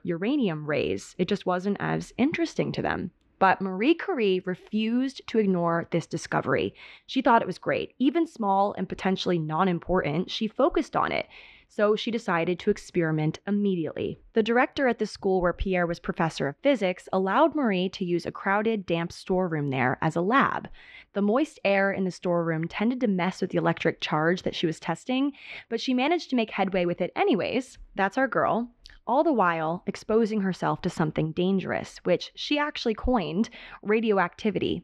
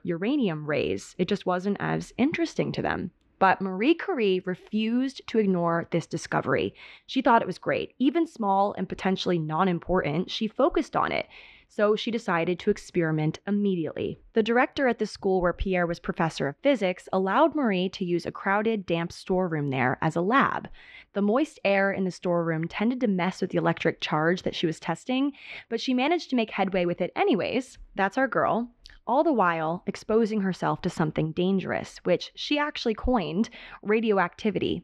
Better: neither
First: muffled; very; fading above 2 kHz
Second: muffled; very; fading above 2 kHz

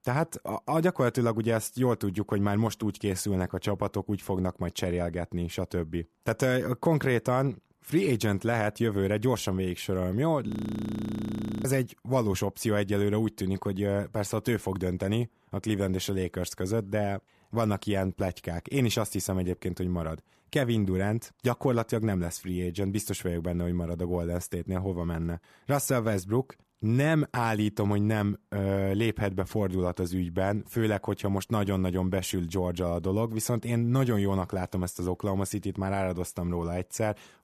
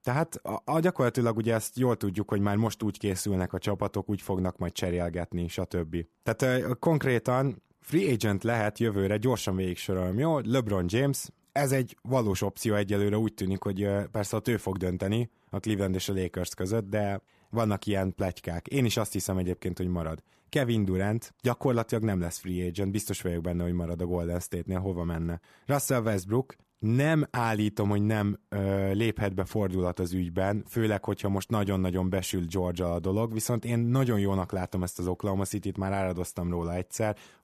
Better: second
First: audio freezing; at 10 s for 1 s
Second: none

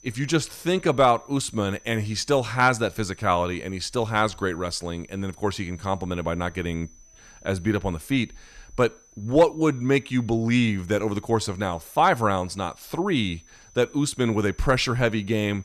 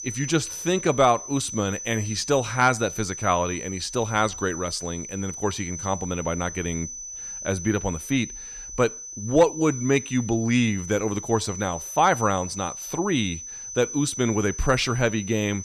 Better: first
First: high-pitched whine; faint; throughout; 6 kHz, 25 dB below the speech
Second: high-pitched whine; loud; throughout; 6 kHz, 9 dB below the speech

